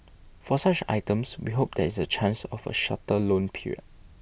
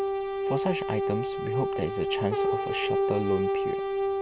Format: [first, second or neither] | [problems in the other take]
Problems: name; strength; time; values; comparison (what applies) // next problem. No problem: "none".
first | background sound (Brass instrument); 4 dB above the speech